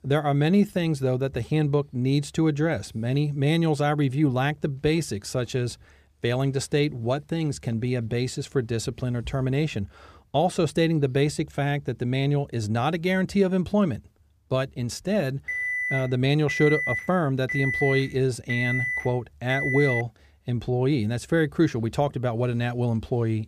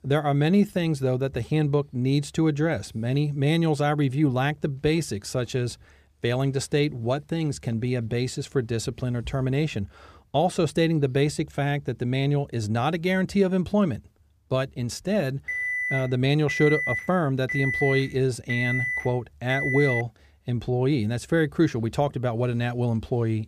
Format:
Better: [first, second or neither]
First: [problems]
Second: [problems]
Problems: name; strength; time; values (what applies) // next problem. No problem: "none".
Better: neither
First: alarm; noticeable; from 15 to 20 s; peak level with the speech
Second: alarm; noticeable; from 15 to 20 s; peak level with the speech